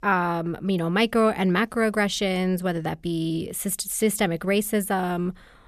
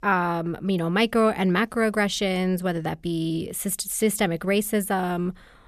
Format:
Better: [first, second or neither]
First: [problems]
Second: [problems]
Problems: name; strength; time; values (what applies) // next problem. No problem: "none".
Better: neither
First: none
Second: none